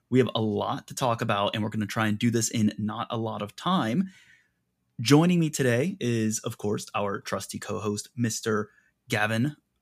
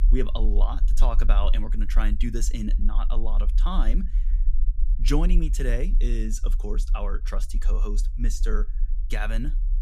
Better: first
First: none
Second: low rumble; noticeable; throughout; 15 dB below the speech

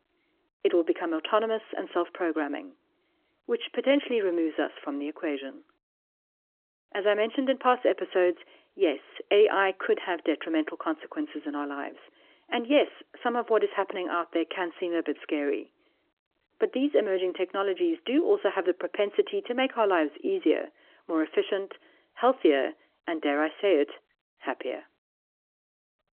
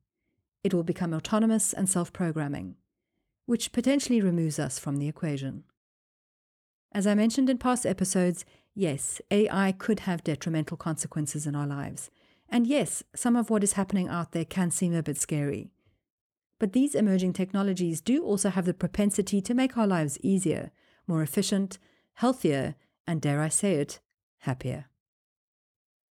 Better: second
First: phone-call audio; nothing above 3 kHz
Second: none

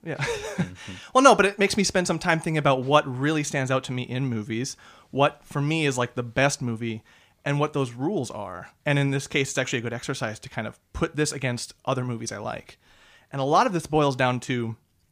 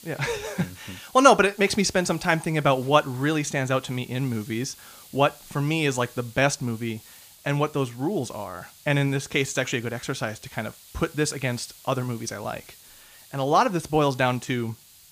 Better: first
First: none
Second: hiss; faint; throughout; 20 dB below the speech

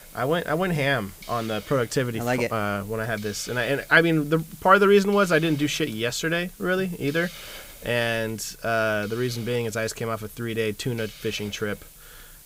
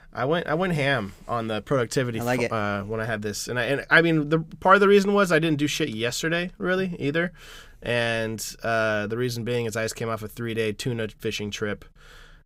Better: second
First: hiss; noticeable; throughout; 20 dB below the speech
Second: none

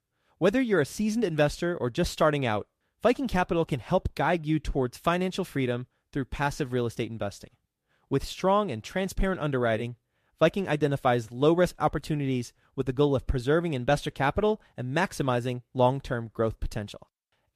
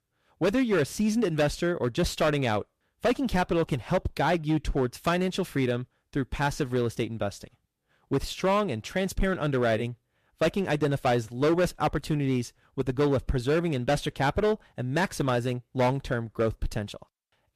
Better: first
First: none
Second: distortion; slight; 7% of the sound clipped

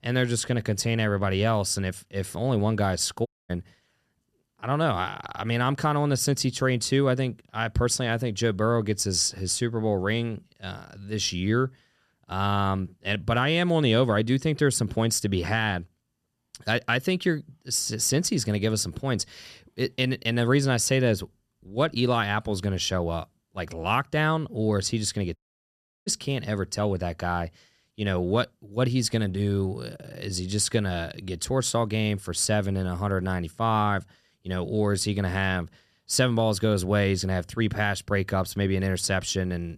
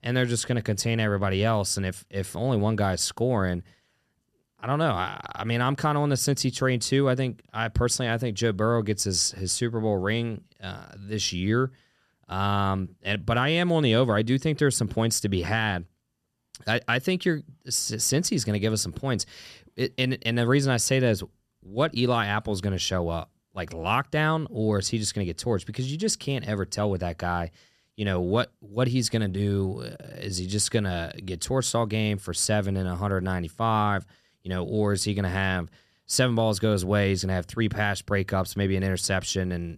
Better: second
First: audio cutting out; at 3.5 s and at 25 s for 0.5 s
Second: none

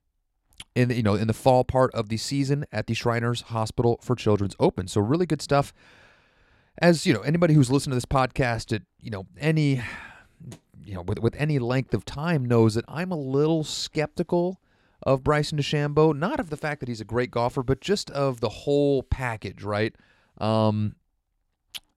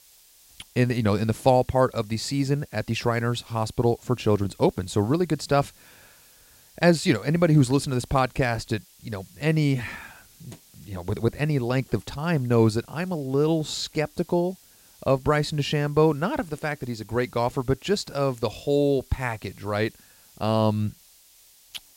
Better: first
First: none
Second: hiss; faint; throughout; 25 dB below the speech

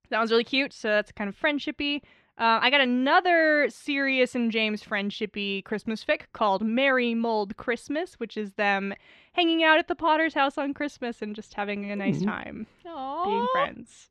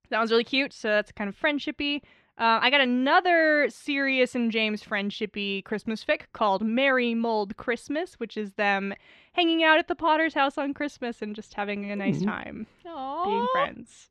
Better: neither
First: muffled; very slightly; fading above 3.5 kHz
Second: muffled; very slightly; fading above 3.5 kHz

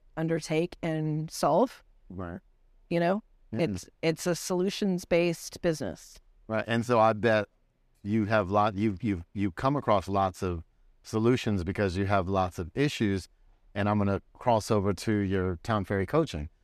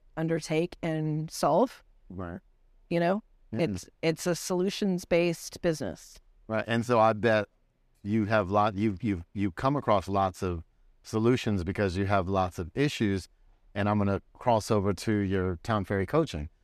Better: neither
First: none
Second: none

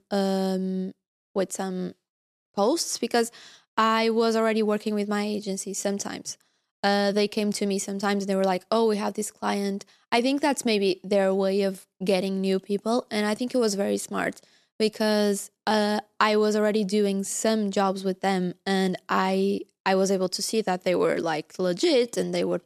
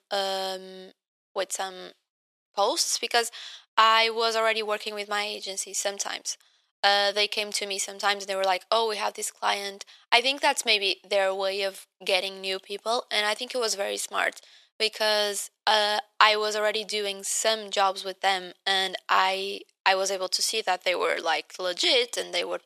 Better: first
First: none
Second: thin; very; fading below 800 Hz

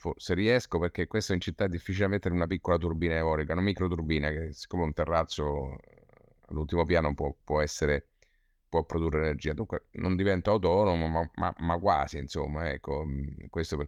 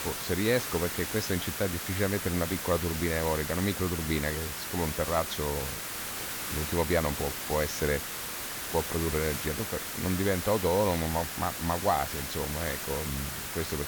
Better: first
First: none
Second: hiss; loud; throughout; 3 dB below the speech

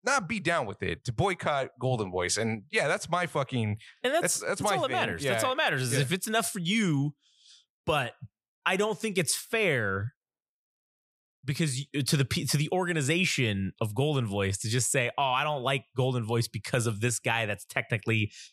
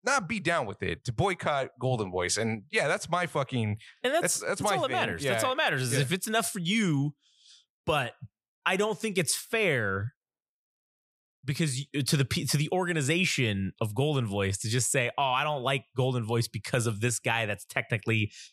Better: neither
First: none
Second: none

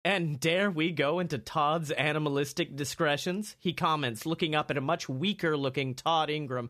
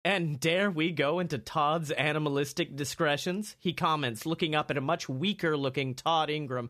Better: neither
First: none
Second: none

